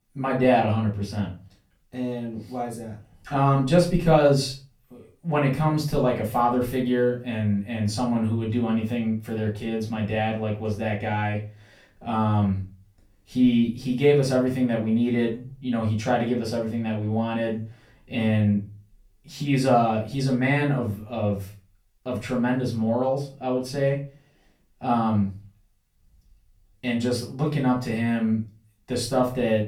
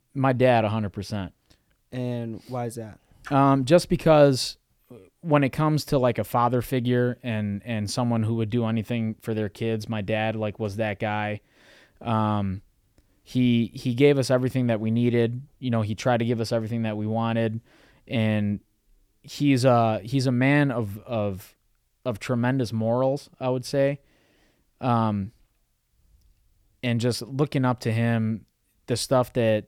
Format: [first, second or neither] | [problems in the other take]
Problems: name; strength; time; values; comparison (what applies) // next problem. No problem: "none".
second | off-mic speech; far // room echo; slight; dies away in 0.3 s